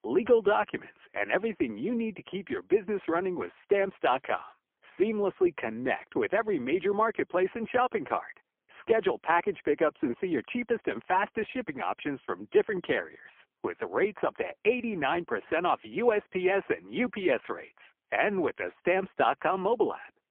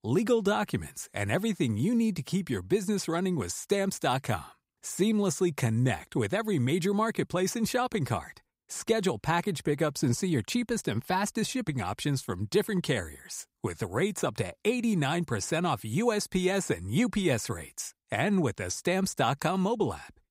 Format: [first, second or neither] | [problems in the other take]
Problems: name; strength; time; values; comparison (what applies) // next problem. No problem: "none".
second | phone-call audio; poor line